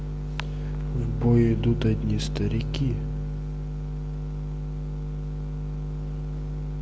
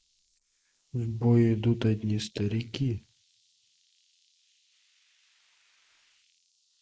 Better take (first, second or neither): first